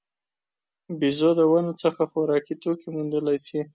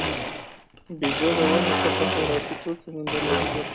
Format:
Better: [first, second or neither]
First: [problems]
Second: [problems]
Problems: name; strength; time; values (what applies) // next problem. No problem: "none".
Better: first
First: none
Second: background sound (Domestic sounds, home sounds); 2 dB above the speech